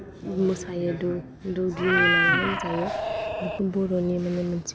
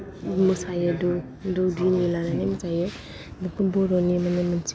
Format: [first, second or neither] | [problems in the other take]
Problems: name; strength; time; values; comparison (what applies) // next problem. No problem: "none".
second | background sound (Meow); 2 dB above the speech